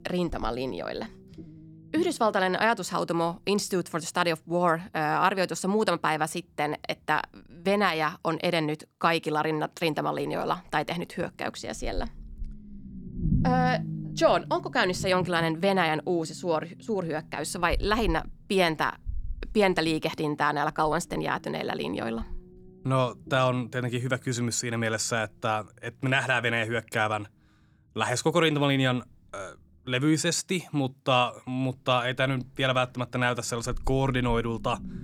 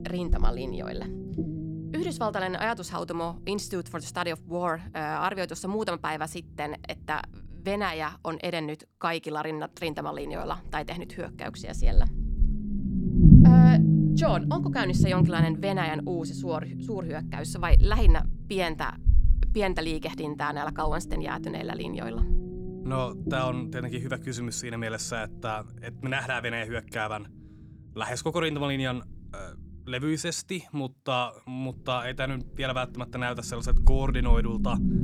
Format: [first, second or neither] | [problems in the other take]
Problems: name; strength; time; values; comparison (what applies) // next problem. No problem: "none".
first | low rumble; loud; throughout; 3 dB below the speech; faint in the first